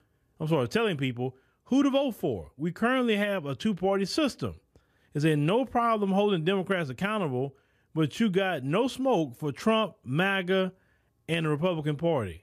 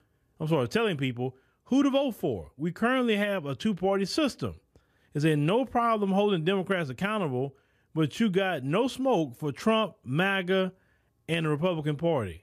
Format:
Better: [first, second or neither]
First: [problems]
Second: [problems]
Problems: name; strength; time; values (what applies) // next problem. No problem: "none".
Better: neither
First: none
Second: none